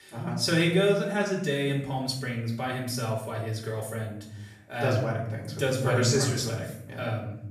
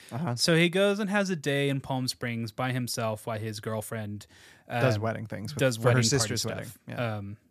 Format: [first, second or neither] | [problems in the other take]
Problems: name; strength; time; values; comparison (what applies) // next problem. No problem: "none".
second | room echo; noticeable; dies away in 0.7 s // off-mic speech; far